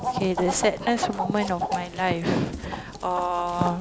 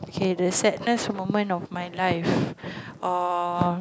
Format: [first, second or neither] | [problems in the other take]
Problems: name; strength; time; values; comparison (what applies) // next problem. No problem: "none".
second | background sound (Chicken, rooster); 6 dB below the speech